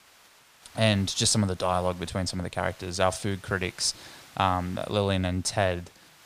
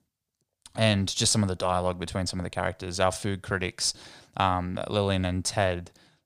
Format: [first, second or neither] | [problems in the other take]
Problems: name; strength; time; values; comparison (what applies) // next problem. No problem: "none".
second | hiss; faint; throughout; 25 dB below the speech